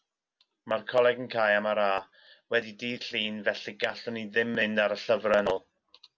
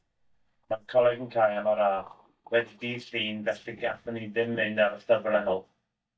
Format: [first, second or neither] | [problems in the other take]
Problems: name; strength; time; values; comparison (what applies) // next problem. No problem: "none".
first | noise reduction (neural mask model DeepFilterNet 3)